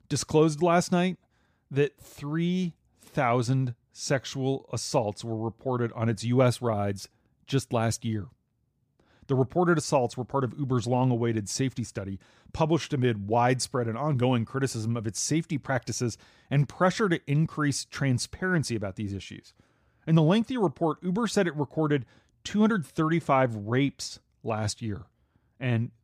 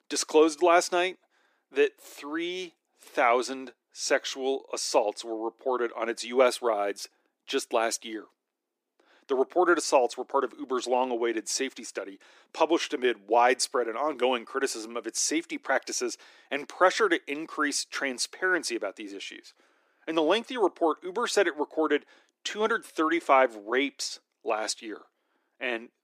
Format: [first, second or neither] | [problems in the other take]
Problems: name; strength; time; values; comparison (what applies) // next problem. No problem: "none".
first | thin; very; fading below 300 Hz